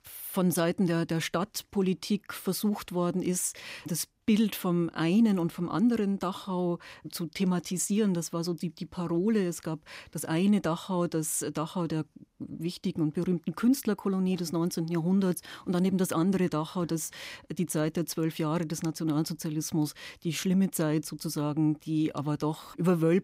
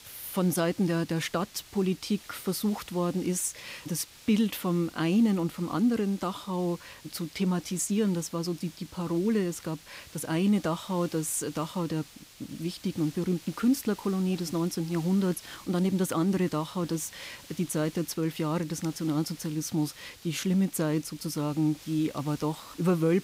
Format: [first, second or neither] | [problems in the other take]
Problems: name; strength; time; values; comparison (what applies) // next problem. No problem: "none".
first | hiss; noticeable; throughout; 20 dB below the speech